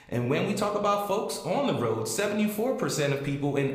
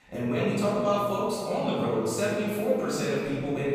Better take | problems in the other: first | room echo; strong; dies away in 2.3 s; slight in the first // off-mic speech; far

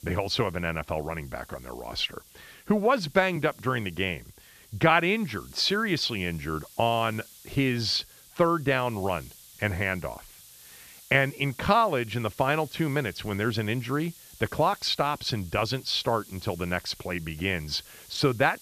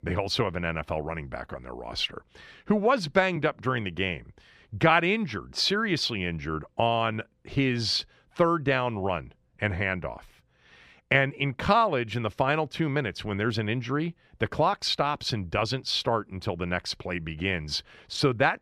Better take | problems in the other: second | hiss; faint; throughout; 20 dB below the speech

